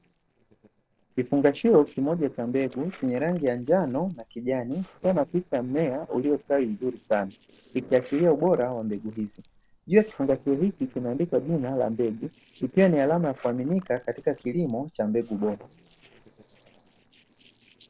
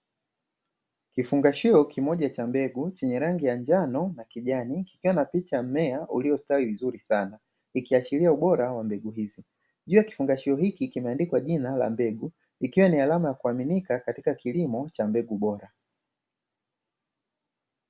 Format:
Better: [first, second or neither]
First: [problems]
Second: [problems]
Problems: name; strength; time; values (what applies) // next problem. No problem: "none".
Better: second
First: noise reduction (neural separator model SepFormer DNS4)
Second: none